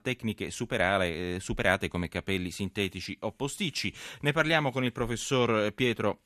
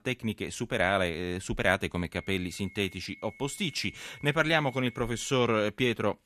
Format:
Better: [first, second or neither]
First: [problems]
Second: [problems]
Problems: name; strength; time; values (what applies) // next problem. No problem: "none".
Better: first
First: none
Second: high-pitched whine; faint; from 2 to 5.5 s; 2 kHz, 20 dB below the speech